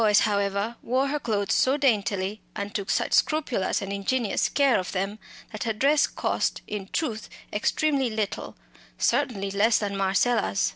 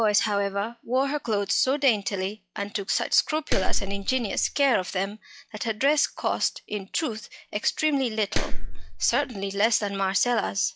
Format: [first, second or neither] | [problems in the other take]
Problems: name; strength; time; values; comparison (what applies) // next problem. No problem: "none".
first | noise reduction (classical method log-MMSE)